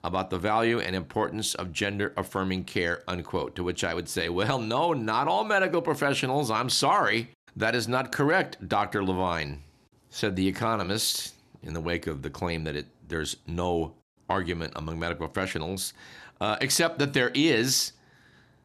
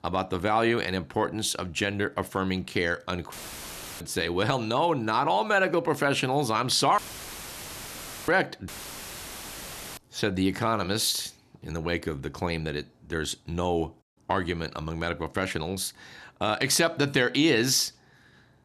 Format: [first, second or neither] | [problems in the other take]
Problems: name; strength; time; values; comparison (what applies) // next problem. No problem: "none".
first | audio cutting out; filled with static; at 3.5 s for 0.5 s, at 7 s for 1.5 s and at 8.5 s for 1.5 s